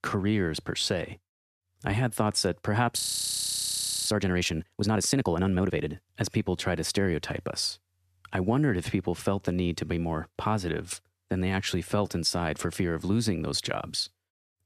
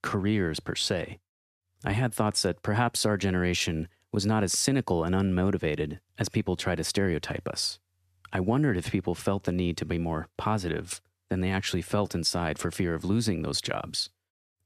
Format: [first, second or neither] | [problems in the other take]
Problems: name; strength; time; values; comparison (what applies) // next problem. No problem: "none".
second | audio freezing; at 3 s for 1 s